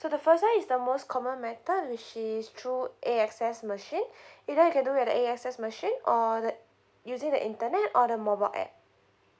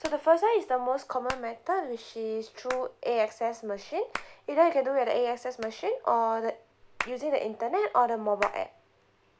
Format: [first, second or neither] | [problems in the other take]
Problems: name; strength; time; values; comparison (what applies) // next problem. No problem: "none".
first | background sound (Hands); 16 dB below the speech